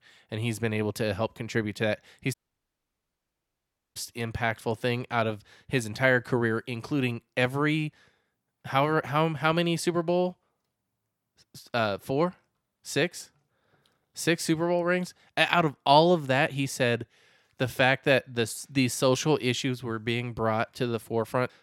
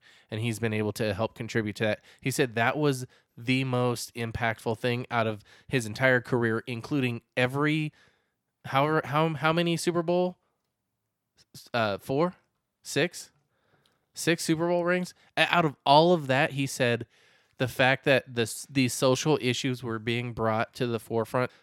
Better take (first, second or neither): second